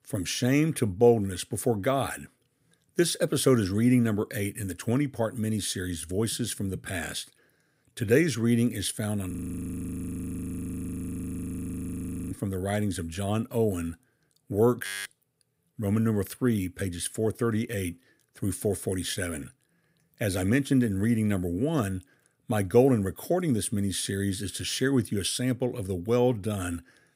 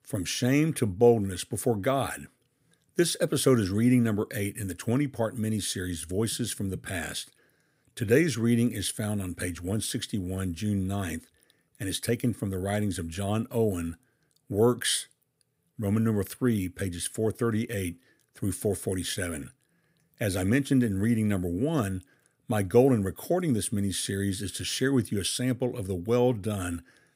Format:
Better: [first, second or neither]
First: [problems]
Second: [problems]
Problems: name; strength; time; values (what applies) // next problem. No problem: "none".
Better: second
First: audio freezing; at 9.5 s for 3 s and at 15 s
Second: none